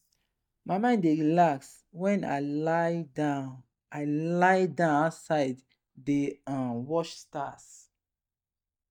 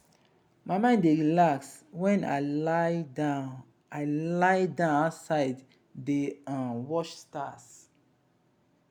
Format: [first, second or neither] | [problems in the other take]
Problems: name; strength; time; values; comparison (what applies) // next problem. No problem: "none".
second | noise reduction (neural mask model DeepFilterNet 3)